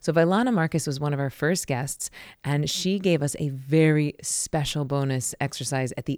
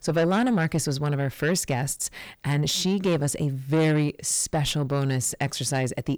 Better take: first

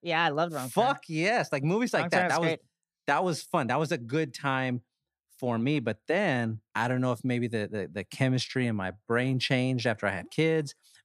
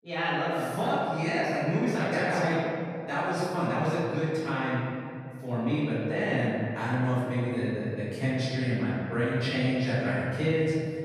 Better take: first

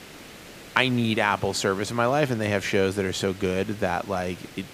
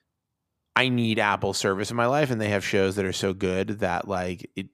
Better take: second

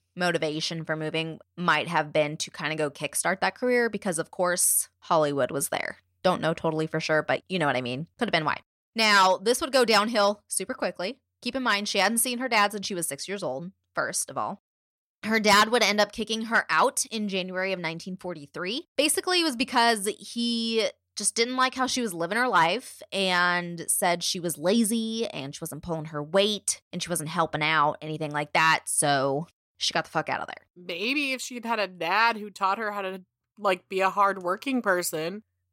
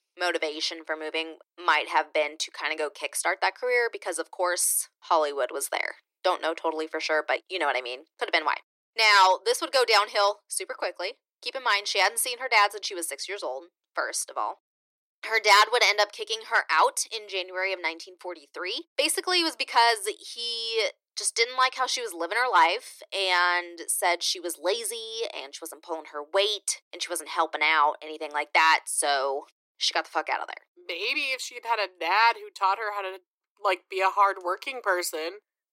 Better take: first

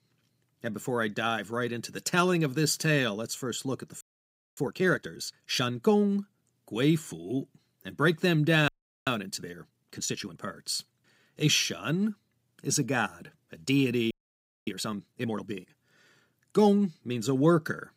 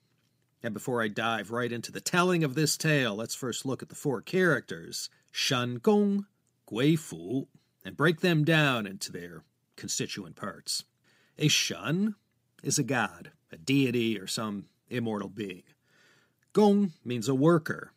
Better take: second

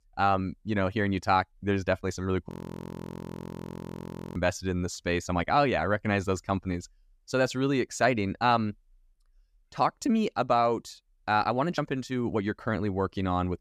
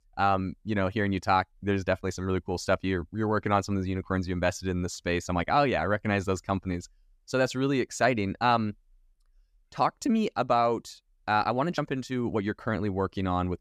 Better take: second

